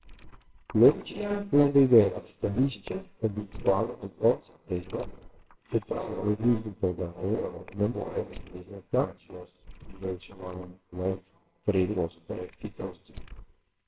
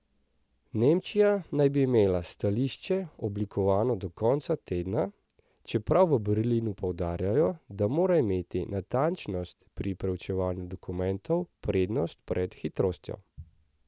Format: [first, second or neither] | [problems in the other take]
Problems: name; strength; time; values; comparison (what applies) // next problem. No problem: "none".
second | noise reduction (neural separator model SepFormer WHAMR!)